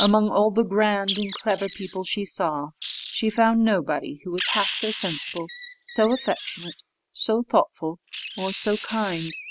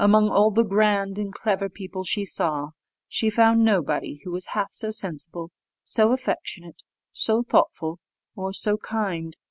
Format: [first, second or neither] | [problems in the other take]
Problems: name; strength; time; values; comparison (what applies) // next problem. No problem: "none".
second | background sound (Wild animals); 10 dB below the speech